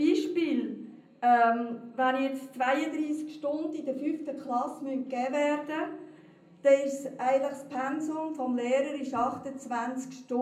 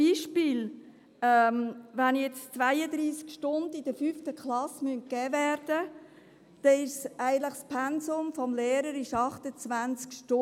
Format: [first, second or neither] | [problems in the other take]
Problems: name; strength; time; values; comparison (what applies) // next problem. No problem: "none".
second | room echo; dies away in 0.6 s